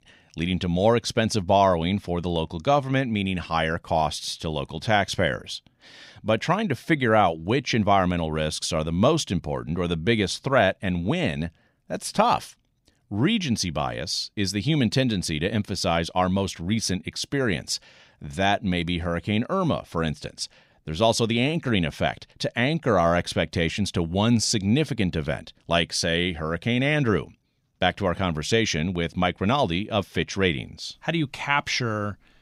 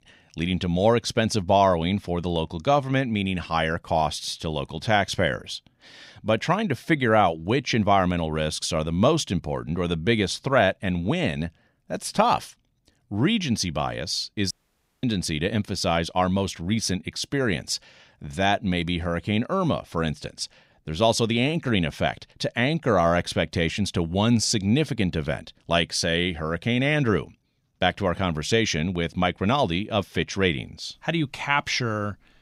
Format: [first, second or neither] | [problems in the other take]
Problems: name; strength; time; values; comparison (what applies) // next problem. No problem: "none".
first | audio cutting out; at 15 s for 0.5 s